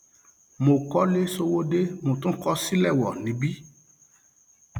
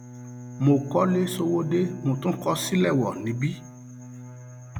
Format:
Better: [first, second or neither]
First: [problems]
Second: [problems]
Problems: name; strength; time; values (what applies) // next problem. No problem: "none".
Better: first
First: none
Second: background sound (Bowed string instrument); 14 dB below the speech